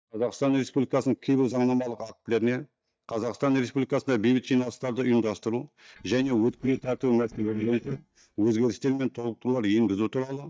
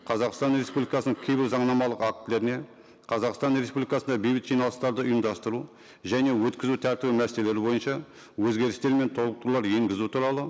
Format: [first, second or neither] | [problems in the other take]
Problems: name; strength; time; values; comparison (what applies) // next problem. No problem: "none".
second | noise reduction (neural mask model DeepFilterNet 3)